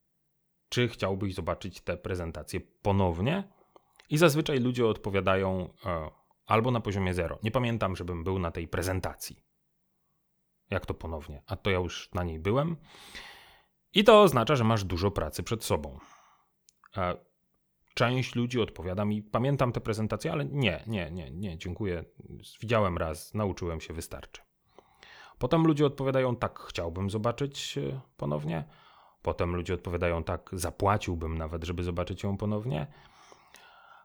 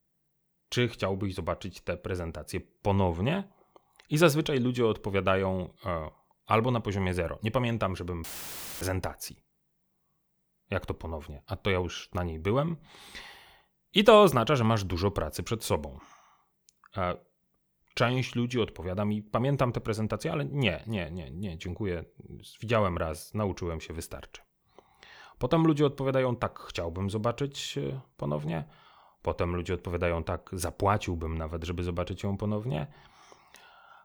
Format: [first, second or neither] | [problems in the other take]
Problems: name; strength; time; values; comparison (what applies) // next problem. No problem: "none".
first | audio cutting out; filled with static; at 8 s for 0.5 s